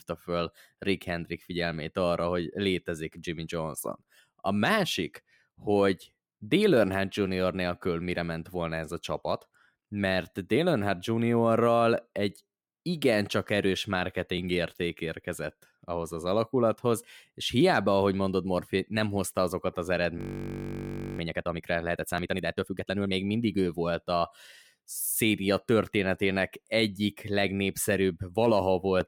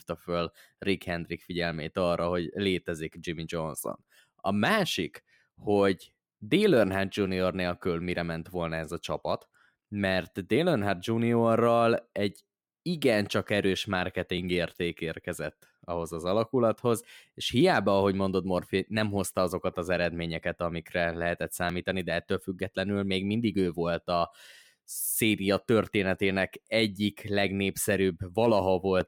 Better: second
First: audio freezing; at 20 s for 1 s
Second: none

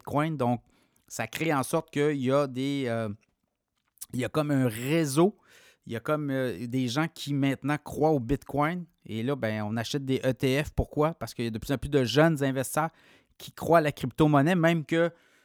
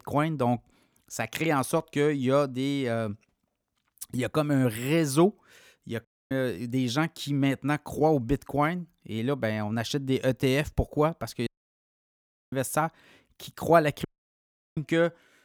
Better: first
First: none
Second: audio cutting out; at 6 s, at 11 s for 1 s and at 14 s for 0.5 s

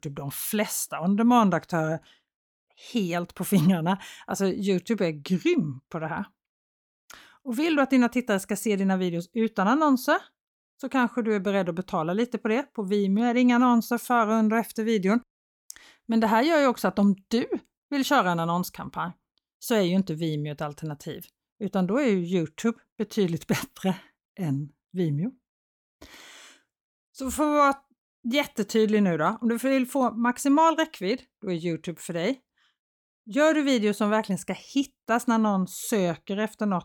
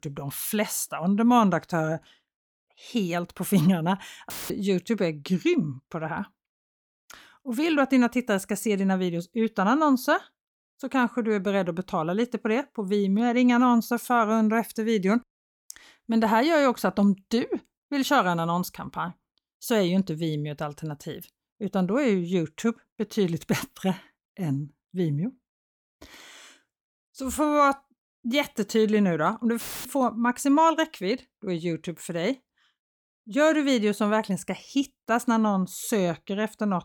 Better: first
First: none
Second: audio cutting out; filled with static; at 4.5 s and at 30 s

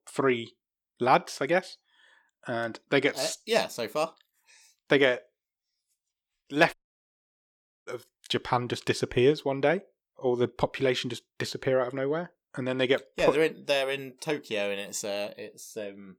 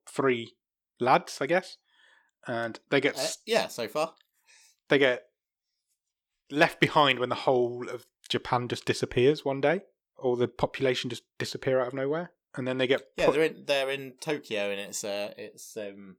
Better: second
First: audio cutting out; at 6.5 s for 1 s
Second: none

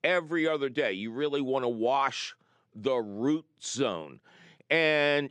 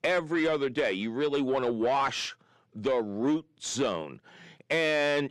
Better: first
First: none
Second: distortion; slight; 10 dB below the speech

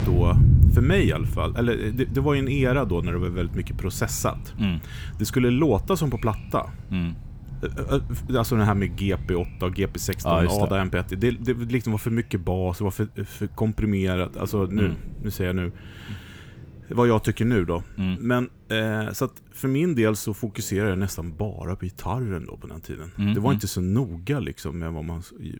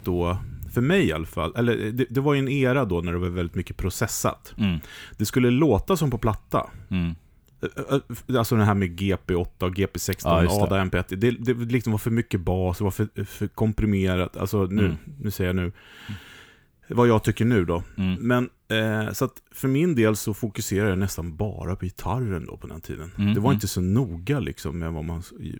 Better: second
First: rain or running water; loud; throughout; 3 dB below the speech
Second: rain or running water; faint; throughout; 25 dB below the speech

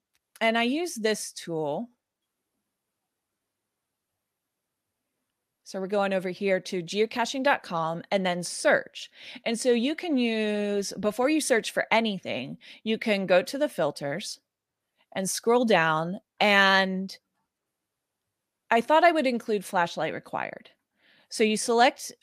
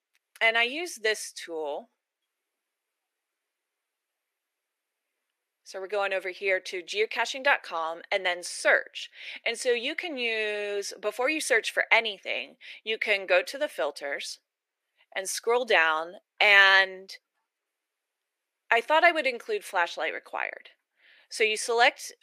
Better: first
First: none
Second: thin; very; fading below 400 Hz

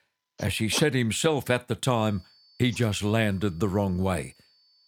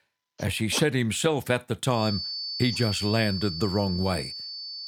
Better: first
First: high-pitched whine; faint; from 2 s on; 4.5 kHz, 30 dB below the speech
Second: high-pitched whine; loud; from 2 s on; 4.5 kHz, 5 dB below the speech

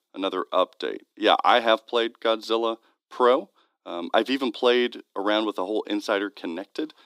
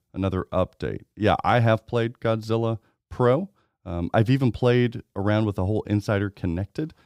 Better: second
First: thin; somewhat; fading below 250 Hz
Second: none

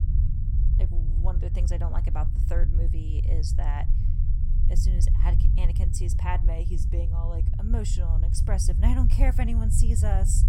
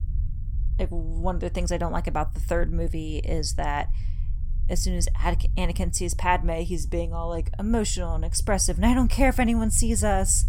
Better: second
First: low rumble; loud; throughout; 5 dB below the speech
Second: low rumble; faint; throughout; 20 dB below the speech

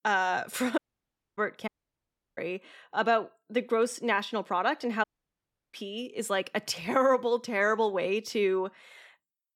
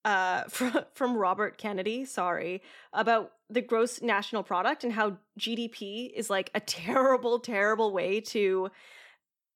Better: second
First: audio cutting out; at 1 s for 0.5 s, at 1.5 s for 0.5 s and at 5 s for 0.5 s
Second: none

